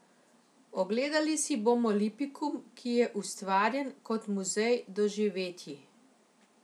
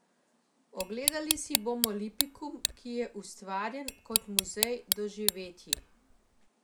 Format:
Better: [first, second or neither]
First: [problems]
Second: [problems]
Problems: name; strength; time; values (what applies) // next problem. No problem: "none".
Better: first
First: none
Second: background sound (Tick); 4 dB above the speech